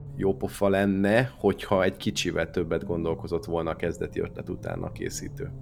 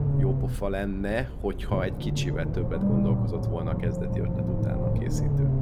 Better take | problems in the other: first | low rumble; loud; throughout; 1 dB below the speech; faint in the first

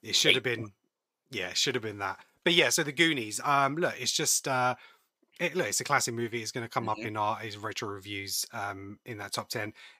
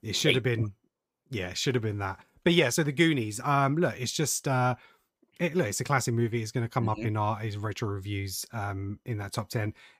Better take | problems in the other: second | thin; somewhat; fading below 550 Hz

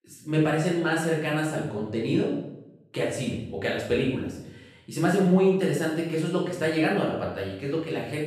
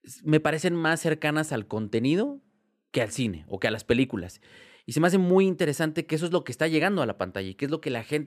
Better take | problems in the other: second | off-mic speech; far // room echo; noticeable; dies away in 0.7 s

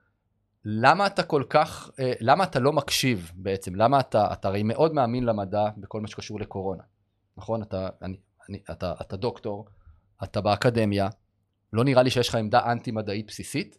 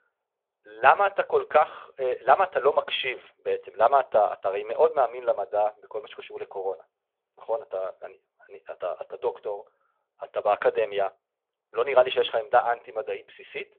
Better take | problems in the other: first | phone-call audio; nothing above 3.5 kHz

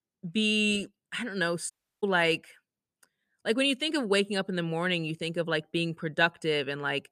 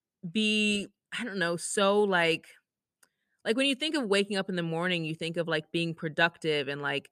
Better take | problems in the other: second | audio cutting out; at 1.5 s

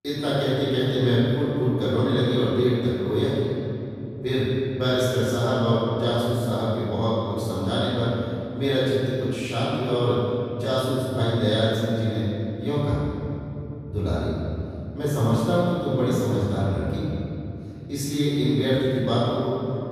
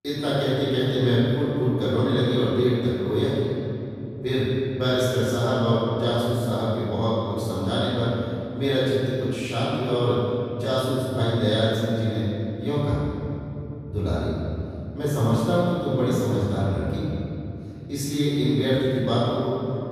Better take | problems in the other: neither | off-mic speech; far; the same in both // room echo; strong; dies away in 3 s; the same in both

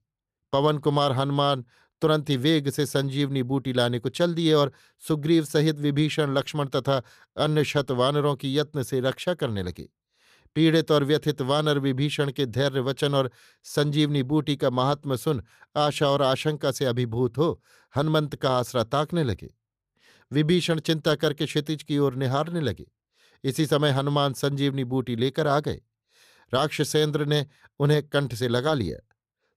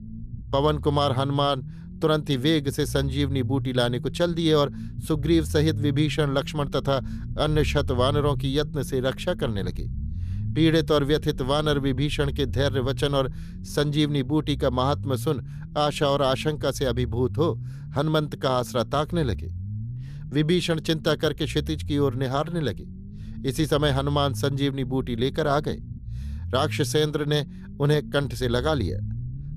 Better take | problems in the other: first | low rumble; faint; throughout; 20 dB below the speech

